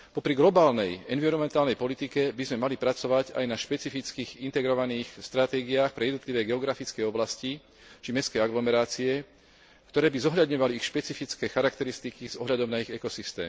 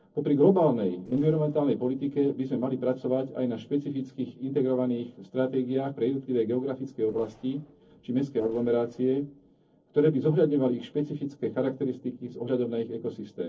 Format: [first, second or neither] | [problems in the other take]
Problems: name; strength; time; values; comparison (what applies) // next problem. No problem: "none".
first | noise reduction (neural separator model SepFormer DNS4)